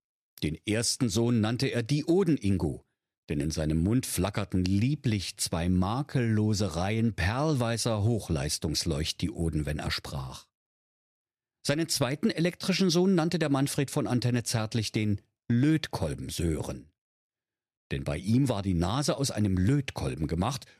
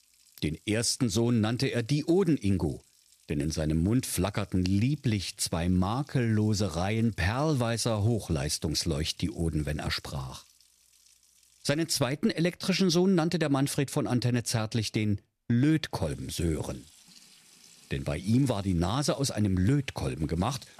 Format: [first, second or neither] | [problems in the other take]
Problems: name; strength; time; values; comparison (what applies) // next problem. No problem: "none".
first | household noises; faint; throughout; 30 dB below the speech